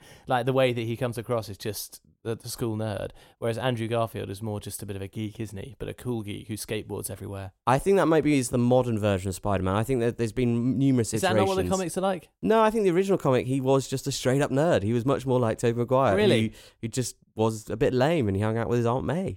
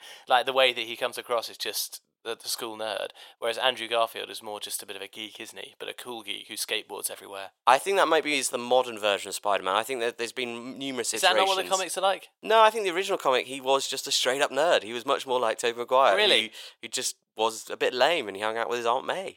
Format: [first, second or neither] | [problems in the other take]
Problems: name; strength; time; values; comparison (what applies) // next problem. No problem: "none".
first | thin; very; fading below 750 Hz